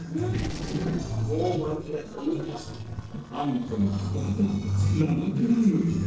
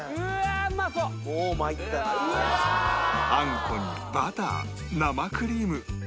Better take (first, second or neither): second